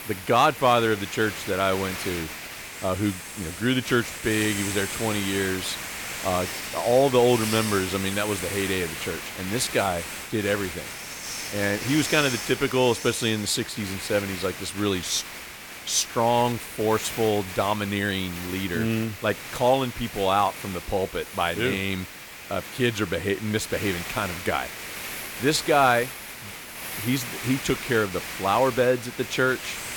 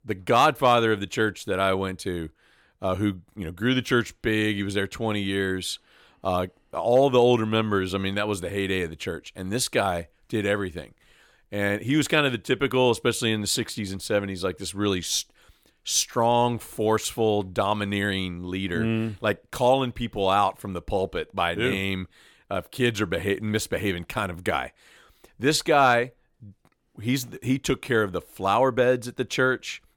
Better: second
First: hiss; loud; throughout; 8 dB below the speech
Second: none

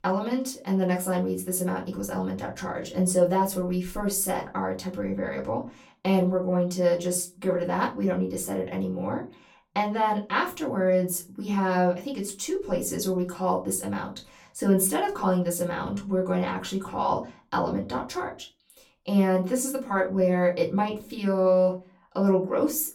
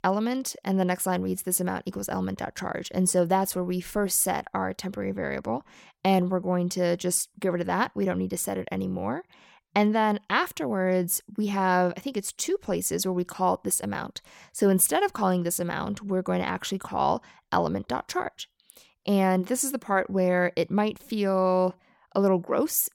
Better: second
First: off-mic speech; far // room echo; very slight; dies away in 0.3 s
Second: none

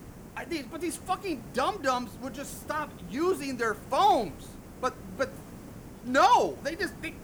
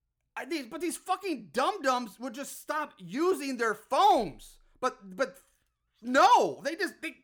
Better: second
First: hiss; noticeable; throughout; 15 dB below the speech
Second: none

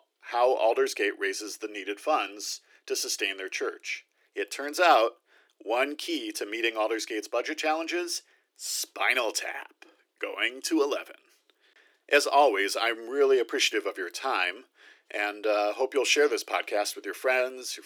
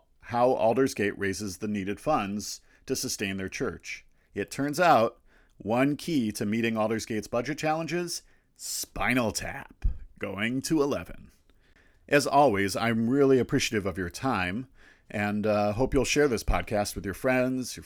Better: second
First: thin; very; fading below 300 Hz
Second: none

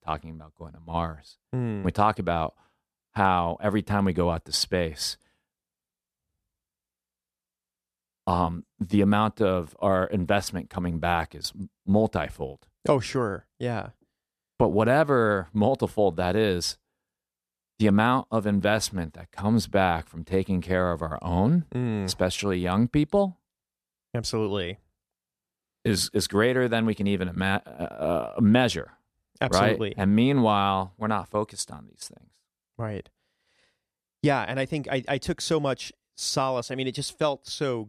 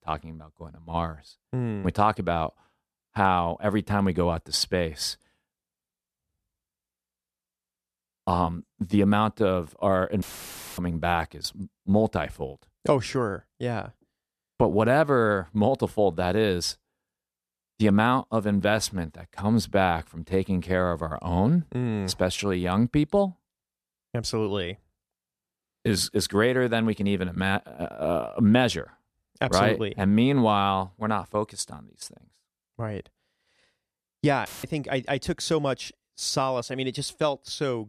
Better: first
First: none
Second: audio cutting out; filled with static; at 10 s for 0.5 s and at 34 s

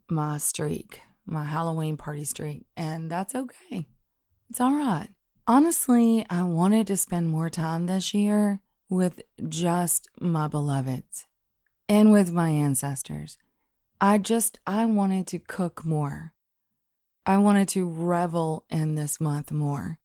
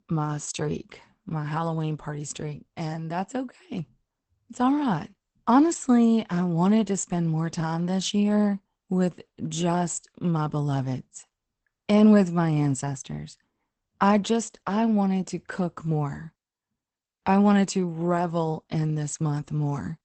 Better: first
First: garbled, watery; slightly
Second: garbled, watery; badly; nothing above 8 kHz

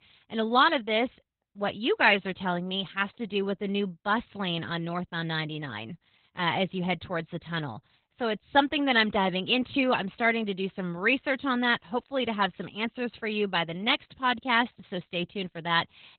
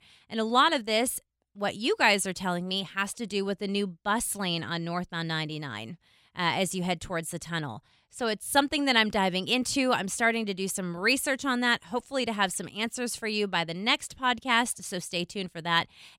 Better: second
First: garbled, watery; badly; nothing above 4 kHz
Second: none

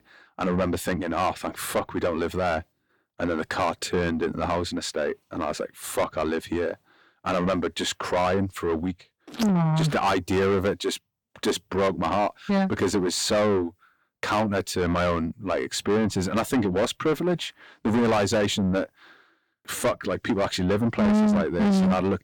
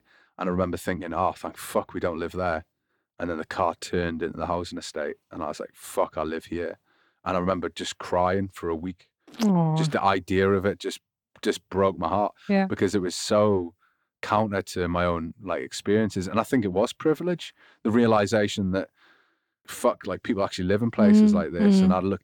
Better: second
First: distortion; heavy; 7 dB below the speech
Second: none

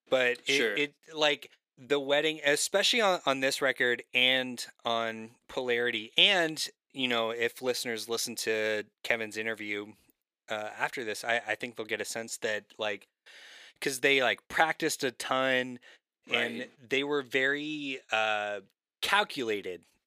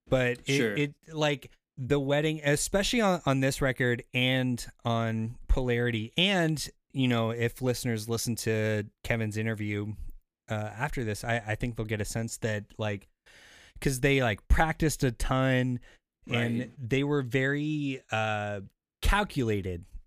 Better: second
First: thin; somewhat; fading below 400 Hz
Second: none

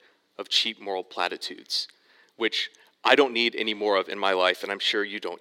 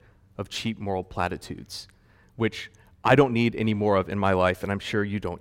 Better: second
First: thin; somewhat; fading below 300 Hz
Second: none

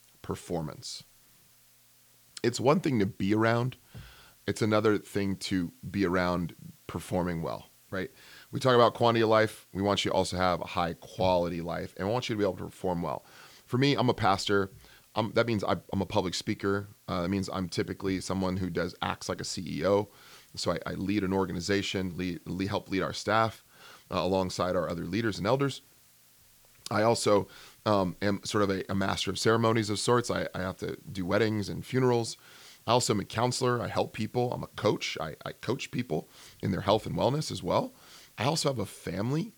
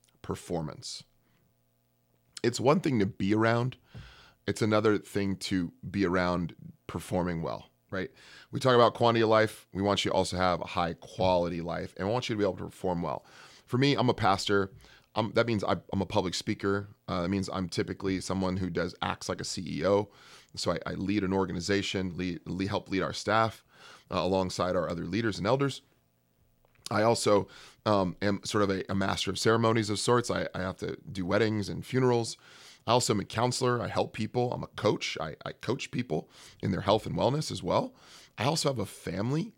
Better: second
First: hiss; faint; throughout; 30 dB below the speech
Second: none

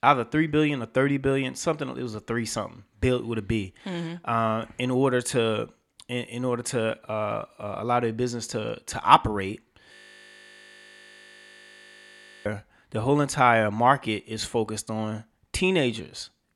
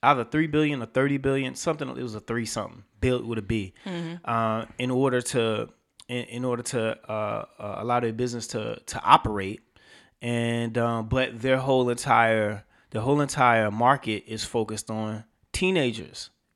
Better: second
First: audio freezing; at 10 s for 2.5 s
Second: none

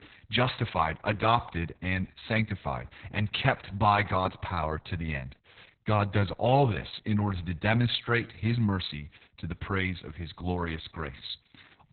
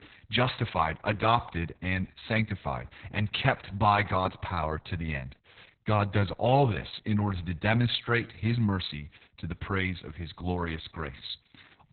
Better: neither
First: garbled, watery; badly; nothing above 4 kHz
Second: garbled, watery; badly; nothing above 4 kHz

